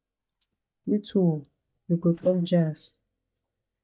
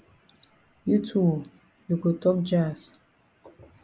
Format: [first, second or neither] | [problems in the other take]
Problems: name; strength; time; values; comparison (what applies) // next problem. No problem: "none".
second | noise reduction (neural mask model DeepFilterNet 3)